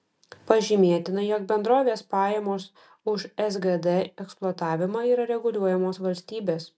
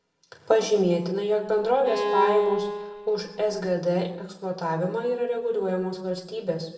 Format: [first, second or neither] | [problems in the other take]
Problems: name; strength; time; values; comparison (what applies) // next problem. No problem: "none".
first | background sound (Bowed string instrument); 2 dB below the speech // room echo; dies away in 0.7 s